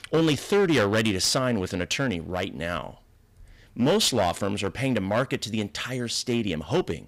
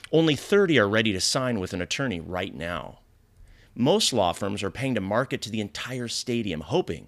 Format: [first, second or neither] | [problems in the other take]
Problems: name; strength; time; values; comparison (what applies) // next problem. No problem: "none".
second | distortion; slight; 6% of the sound clipped